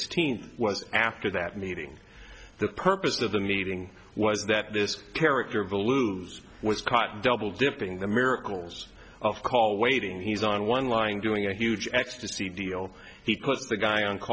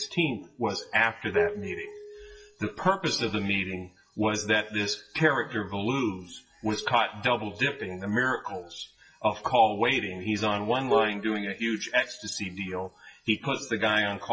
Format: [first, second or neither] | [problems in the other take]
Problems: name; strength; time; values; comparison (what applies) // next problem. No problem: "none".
first | noise reduction (classical method WPE with log-MMSE)